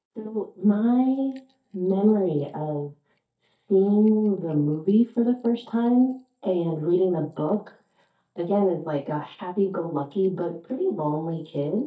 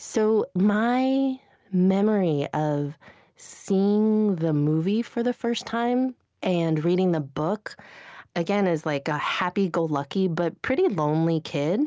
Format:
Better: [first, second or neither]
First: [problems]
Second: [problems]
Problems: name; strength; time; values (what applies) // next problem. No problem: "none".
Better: second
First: noise reduction (neural mask model DeepFilterNet 3)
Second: none